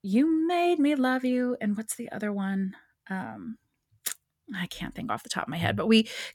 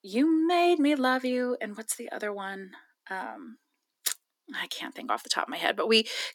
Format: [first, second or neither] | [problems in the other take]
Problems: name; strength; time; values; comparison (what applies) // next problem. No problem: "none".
first | thin; very slightly; fading below 250 Hz